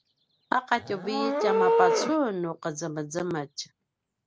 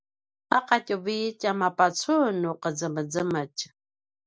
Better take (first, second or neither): second